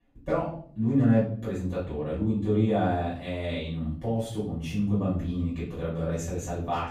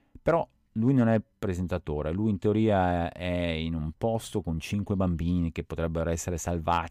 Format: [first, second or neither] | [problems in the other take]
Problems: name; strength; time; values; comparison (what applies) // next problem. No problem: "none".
second | off-mic speech; far // room echo; noticeable; dies away in 0.5 s